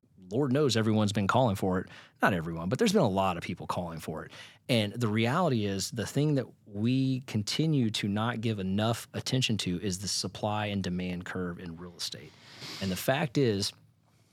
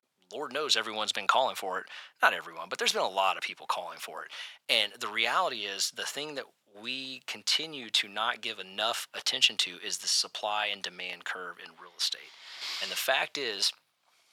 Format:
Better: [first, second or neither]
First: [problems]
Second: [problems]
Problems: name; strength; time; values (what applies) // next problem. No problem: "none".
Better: first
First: none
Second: thin; very; fading below 900 Hz